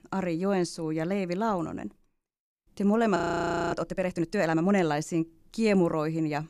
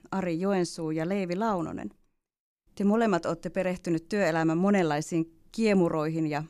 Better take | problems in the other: second | audio freezing; at 3 s for 0.5 s

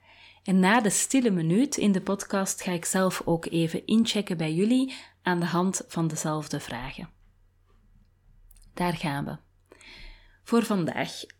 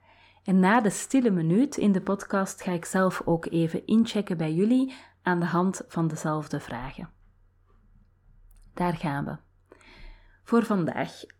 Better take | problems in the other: first | muffled; slightly; fading above 1.5 kHz

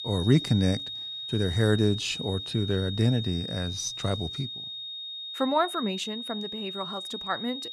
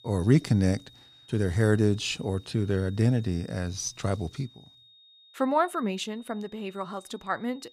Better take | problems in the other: second | high-pitched whine; loud; throughout; 3.5 kHz, 6 dB below the speech; faint in the second

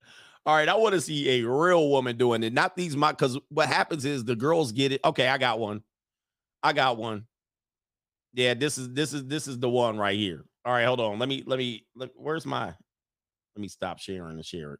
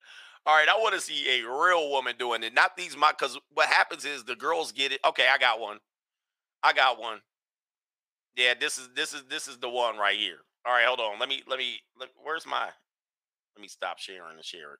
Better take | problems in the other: first | thin; very; fading below 700 Hz

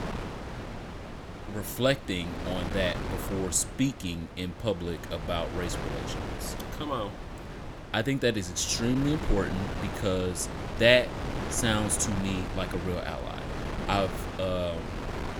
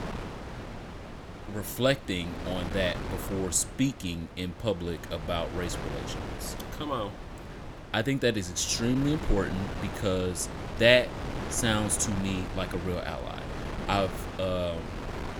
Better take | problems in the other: second | wind noise on the microphone; heavy; 9 dB below the speech; occasional gusts in the second

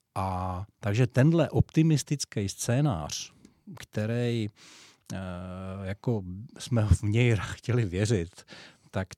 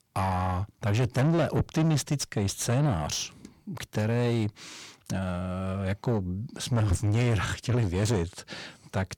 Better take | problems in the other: first | distortion; heavy; 7 dB below the speech

